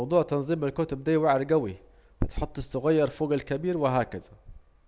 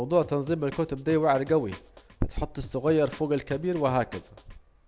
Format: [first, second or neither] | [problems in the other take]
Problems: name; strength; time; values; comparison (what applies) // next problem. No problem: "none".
first | background sound (Drum); 19 dB below the speech